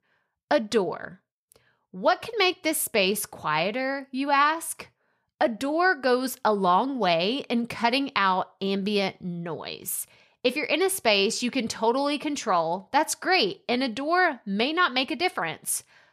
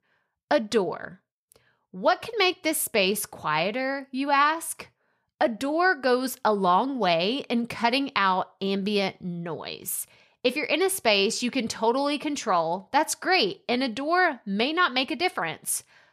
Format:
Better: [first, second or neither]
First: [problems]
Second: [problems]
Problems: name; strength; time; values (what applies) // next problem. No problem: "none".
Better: neither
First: none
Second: none